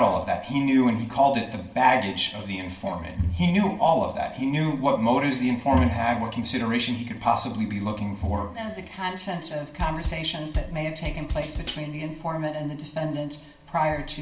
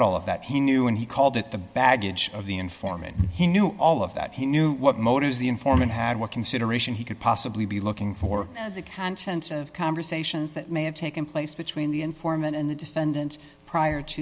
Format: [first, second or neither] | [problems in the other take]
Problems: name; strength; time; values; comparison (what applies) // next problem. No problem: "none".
second | background sound (Drum kit); 6 dB below the speech // room echo; dies away in 0.8 s